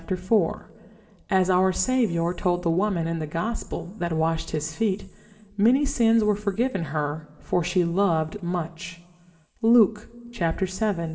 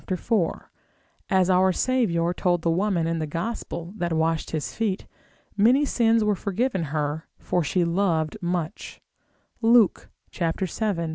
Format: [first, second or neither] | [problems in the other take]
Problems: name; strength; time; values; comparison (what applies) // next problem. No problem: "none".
second | room echo; dies away in 2 s